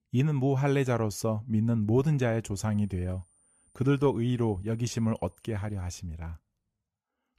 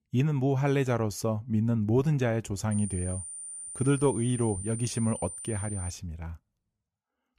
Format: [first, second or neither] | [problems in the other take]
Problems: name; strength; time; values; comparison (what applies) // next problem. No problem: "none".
first | high-pitched whine; loud; from 2.5 to 6 s; 9 kHz, 9 dB below the speech; faint in the first